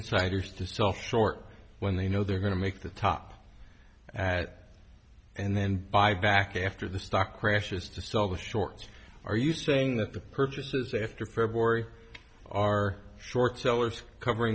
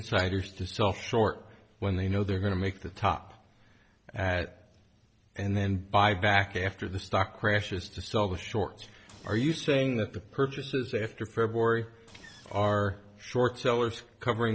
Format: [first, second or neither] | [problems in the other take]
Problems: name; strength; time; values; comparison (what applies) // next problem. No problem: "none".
first | noise reduction (neural separator model SepFormer DNS4)